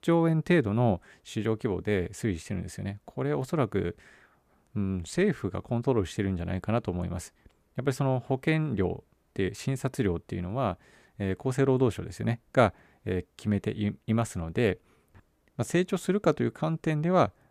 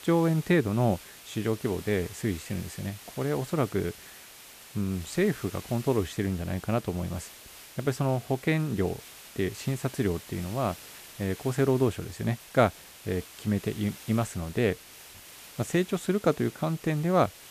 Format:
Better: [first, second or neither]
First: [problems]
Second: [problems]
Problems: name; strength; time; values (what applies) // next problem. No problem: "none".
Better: first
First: none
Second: hiss; noticeable; throughout; 15 dB below the speech